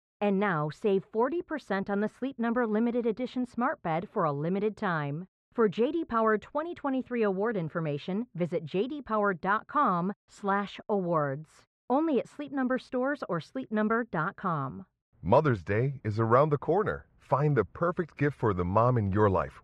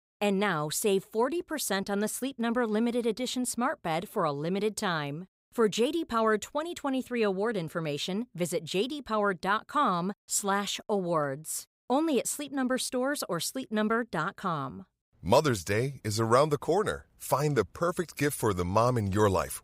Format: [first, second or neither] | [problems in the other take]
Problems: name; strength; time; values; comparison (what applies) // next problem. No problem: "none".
second | muffled; very; fading above 1.5 kHz